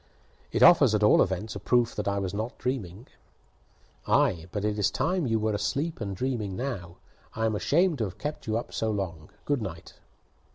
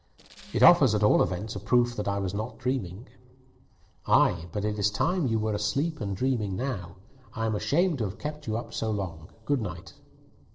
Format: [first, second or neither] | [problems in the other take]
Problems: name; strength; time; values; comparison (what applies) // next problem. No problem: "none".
first | noise reduction (neural separator model SepFormer DNS4)